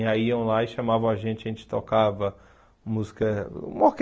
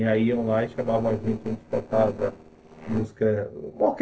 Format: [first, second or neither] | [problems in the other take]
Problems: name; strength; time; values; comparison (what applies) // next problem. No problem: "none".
first | noise reduction (neural separator model SepFormer DNS4)